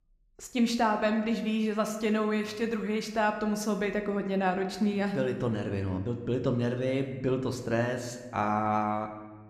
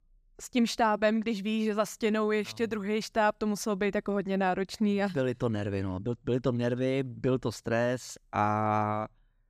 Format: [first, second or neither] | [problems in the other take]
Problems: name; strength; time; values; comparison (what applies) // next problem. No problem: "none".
second | room echo; slight; dies away in 1 s